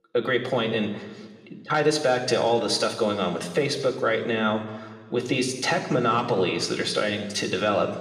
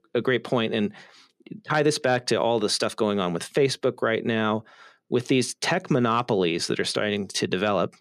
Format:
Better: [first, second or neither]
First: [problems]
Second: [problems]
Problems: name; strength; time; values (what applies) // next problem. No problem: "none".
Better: second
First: room echo; slight; dies away in 1.3 s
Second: none